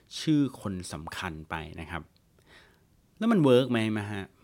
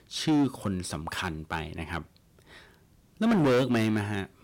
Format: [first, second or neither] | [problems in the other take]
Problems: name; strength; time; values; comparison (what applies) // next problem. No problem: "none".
first | distortion; heavy; 8% of the sound clipped